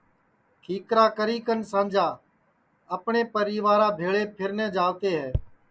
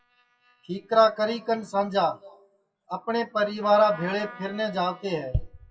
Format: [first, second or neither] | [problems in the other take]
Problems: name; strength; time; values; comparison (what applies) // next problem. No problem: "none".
first | noise reduction (classical method WPE with log-MMSE)